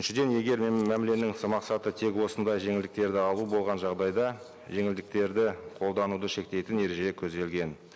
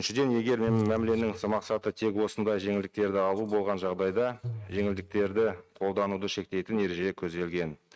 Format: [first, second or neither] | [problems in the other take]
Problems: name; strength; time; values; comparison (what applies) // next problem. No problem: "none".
first | noise reduction (neural mask model RNNoise)